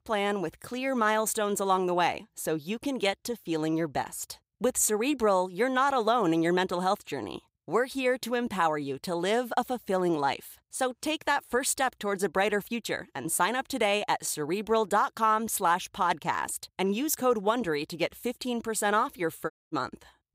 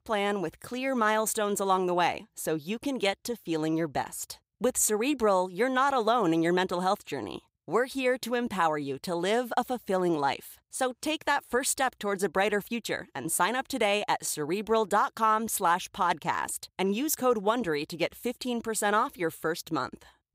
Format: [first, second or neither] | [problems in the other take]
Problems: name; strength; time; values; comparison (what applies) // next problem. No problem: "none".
second | audio cutting out; at 20 s